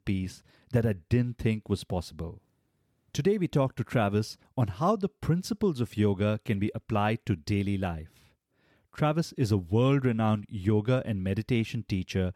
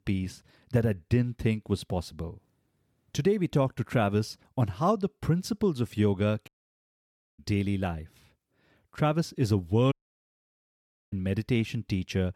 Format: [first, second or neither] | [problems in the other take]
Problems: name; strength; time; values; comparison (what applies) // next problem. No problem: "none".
first | audio cutting out; at 6.5 s for 1 s and at 10 s for 1 s